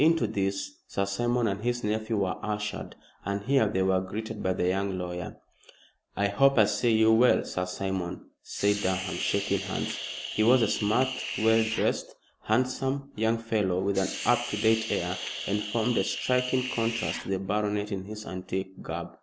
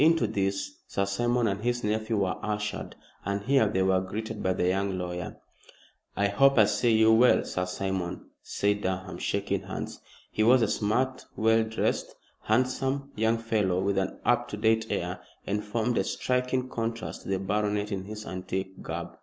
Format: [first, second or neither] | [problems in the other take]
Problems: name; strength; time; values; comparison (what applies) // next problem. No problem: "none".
second | background sound (Hiss); 7 dB below the speech